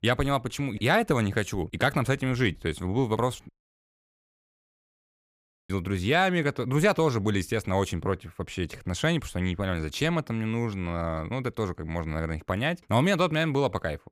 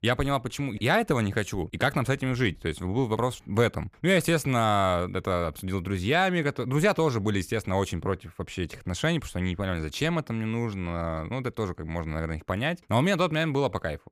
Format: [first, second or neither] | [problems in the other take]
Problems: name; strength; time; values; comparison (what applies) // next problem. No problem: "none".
second | audio cutting out; at 3.5 s for 2 s